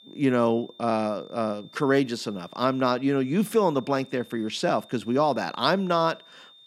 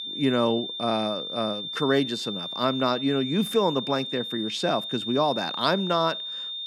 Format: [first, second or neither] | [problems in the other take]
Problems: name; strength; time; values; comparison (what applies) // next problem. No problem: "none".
first | high-pitched whine; loud; throughout; 3.5 kHz, 5 dB below the speech; faint in the first